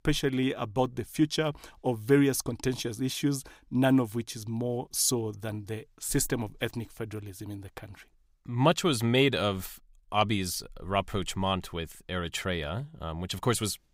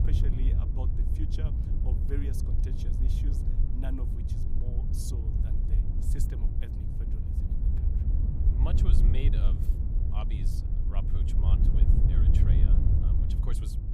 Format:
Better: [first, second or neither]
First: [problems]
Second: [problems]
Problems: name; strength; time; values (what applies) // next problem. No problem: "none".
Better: first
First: none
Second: wind noise on the microphone; heavy; 2 dB above the speech